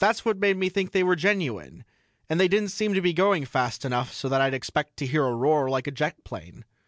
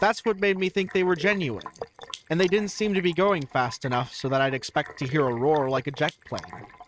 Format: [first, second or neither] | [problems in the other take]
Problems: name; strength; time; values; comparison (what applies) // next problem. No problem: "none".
first | noise reduction (neural mask model RNNoise)